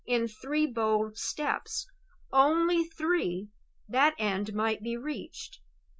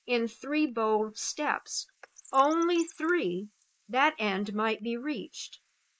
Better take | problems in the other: first | noise reduction (neural mask model Resemble Enhance denoiser)

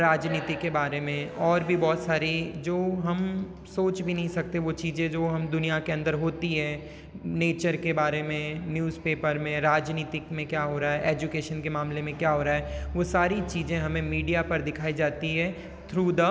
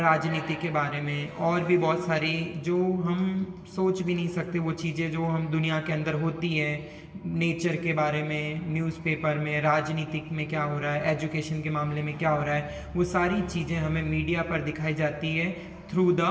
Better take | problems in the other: first | room echo; dies away in 0.8 s

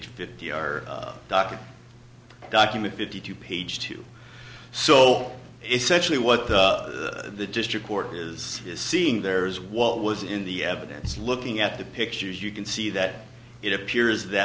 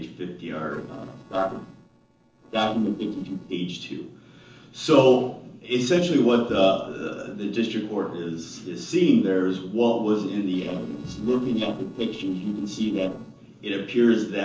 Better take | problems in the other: first | noise reduction (neural separator model SepFormer DNS4)

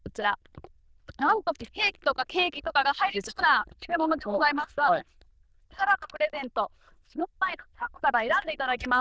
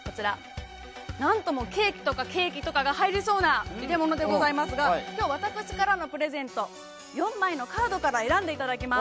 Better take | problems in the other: second | noise reduction (neural diffusion model UNIVERSE++)

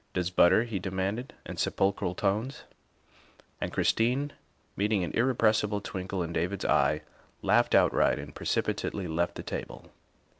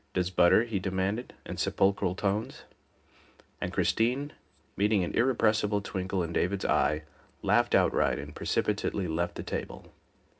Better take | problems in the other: first | room echo; dies away in 0.3 s

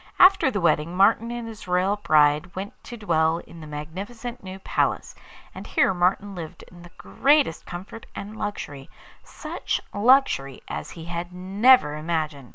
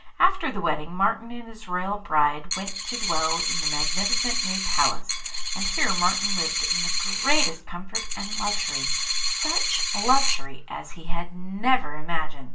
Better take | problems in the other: first | background sound (Coin (dropping)); 4 dB below the speech // room echo; dies away in 0.3 s

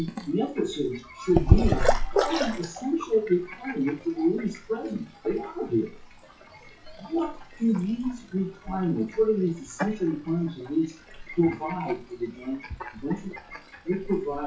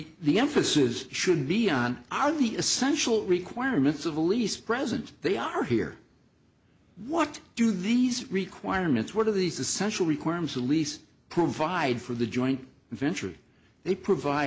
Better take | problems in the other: second | noise reduction (classical method WPE with log-MMSE)

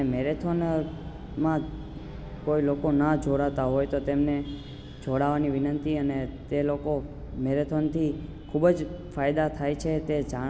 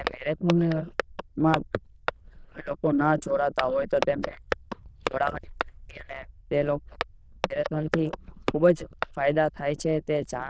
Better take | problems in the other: first | noise reduction (neural diffusion model UNIVERSE++)

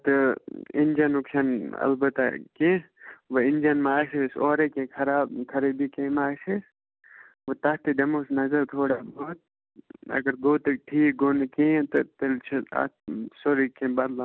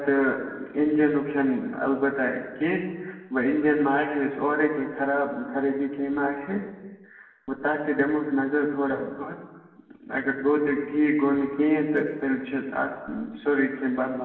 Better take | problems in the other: first | room echo; dies away in 1.2 s

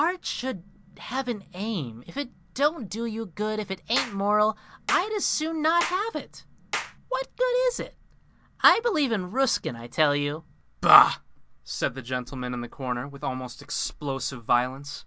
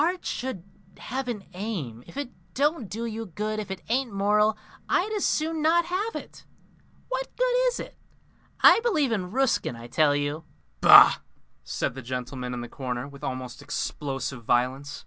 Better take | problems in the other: second | background sound (Clapping); 10 dB below the speech

